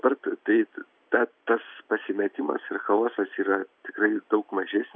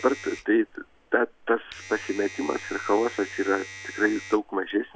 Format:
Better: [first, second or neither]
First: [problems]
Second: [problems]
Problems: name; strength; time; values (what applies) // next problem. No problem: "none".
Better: first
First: none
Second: background sound (Domestic sounds, home sounds); 16 dB below the speech